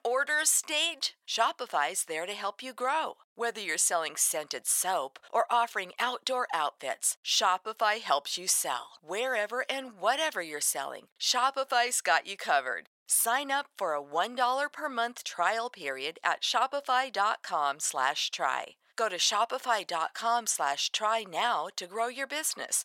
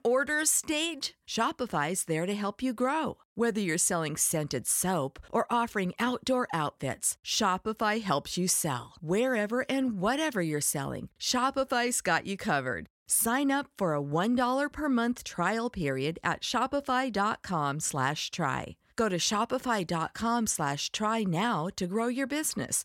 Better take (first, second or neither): second